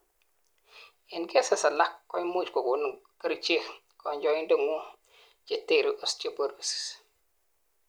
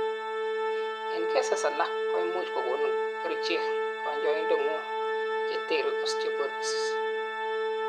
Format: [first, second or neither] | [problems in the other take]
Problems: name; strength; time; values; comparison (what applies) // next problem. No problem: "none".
first | background sound (Organ); 4 dB above the speech